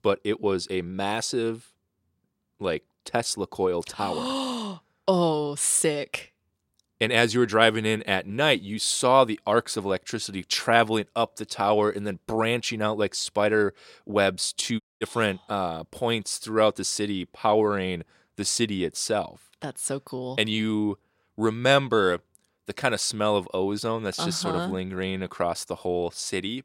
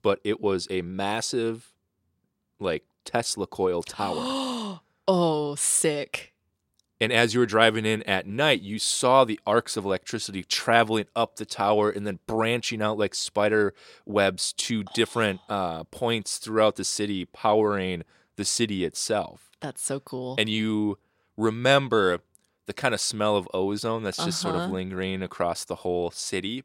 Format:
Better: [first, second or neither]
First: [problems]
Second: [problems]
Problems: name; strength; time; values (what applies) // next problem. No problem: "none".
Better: second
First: audio cutting out; at 15 s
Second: none